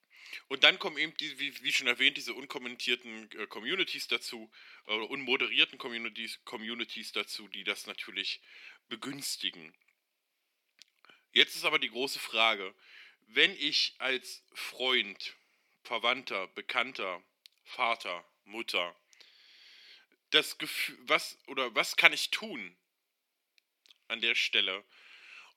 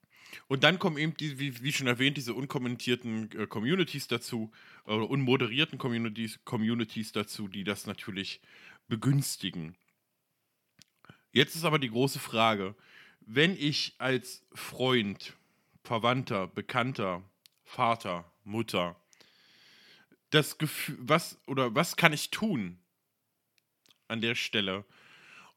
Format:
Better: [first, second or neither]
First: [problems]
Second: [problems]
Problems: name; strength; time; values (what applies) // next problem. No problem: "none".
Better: second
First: thin; somewhat; fading below 300 Hz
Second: none